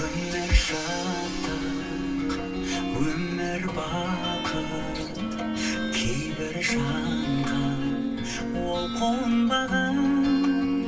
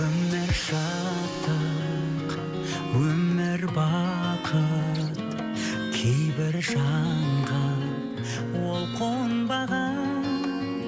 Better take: second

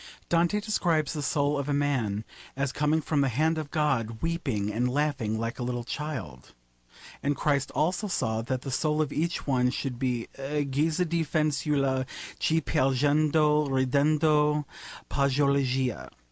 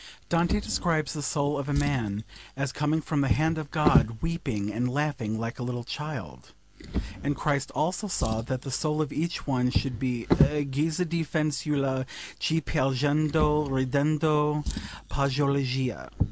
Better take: first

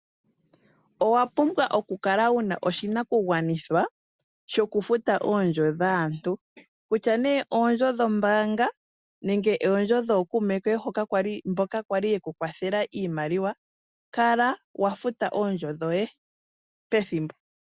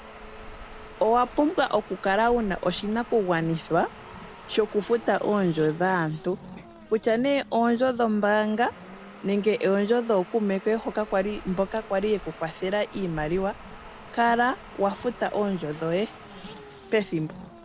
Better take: first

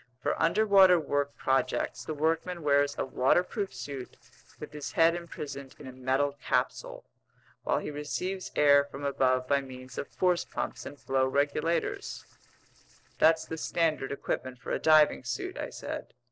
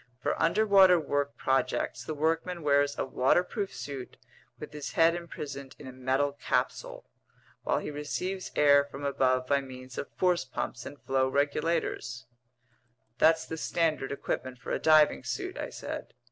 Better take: second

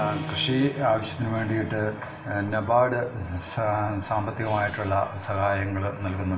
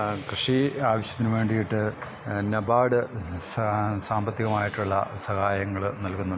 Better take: second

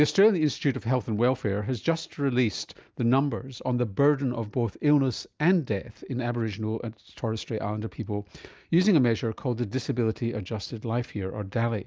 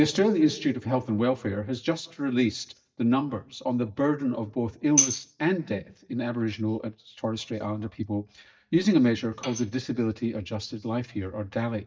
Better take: first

